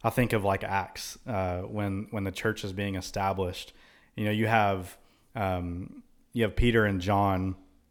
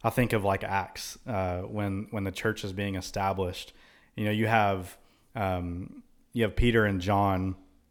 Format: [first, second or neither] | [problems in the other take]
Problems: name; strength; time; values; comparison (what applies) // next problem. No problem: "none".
neither | none